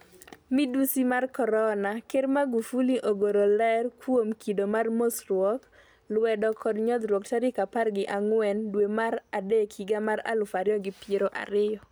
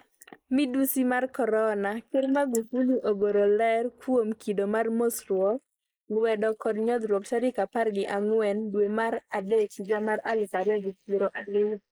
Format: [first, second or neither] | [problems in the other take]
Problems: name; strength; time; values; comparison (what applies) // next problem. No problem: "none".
first | noise reduction (neural mask model Resemble Enhance denoiser)